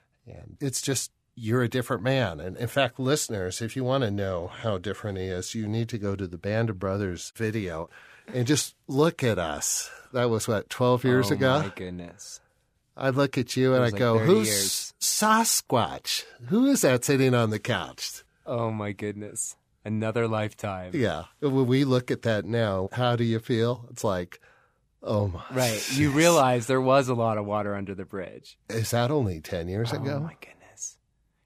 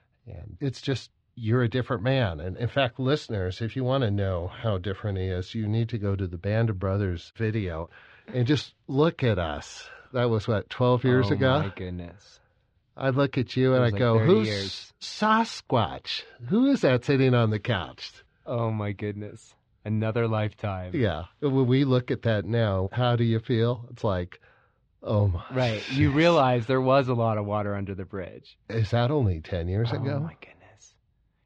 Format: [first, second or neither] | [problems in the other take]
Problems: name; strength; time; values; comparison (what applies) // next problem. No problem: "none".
first | muffled; slightly; fading above 4 kHz